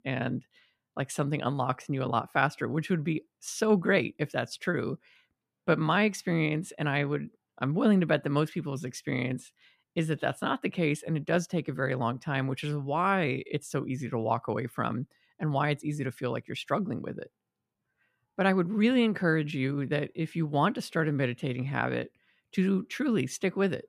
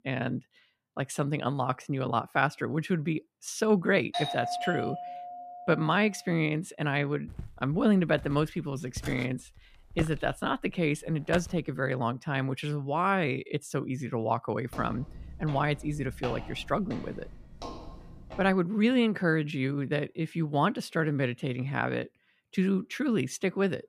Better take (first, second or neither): first